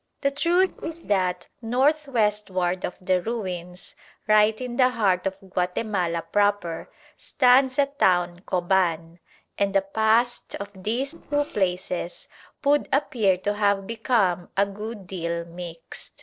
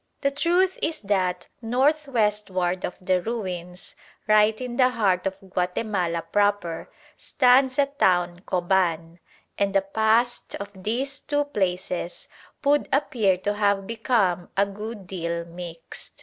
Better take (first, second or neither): second